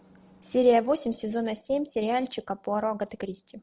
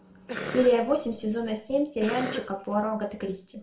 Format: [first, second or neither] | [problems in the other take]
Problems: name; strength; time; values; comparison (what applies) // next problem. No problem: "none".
first | background sound (Cough); 10 dB below the speech // room echo; dies away in 0.4 s